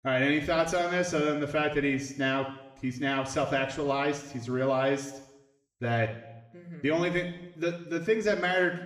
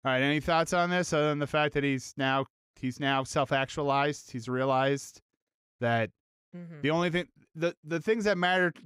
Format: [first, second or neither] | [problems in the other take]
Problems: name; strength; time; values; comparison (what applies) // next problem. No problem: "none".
second | room echo; slight; dies away in 0.7 s // off-mic speech; somewhat distant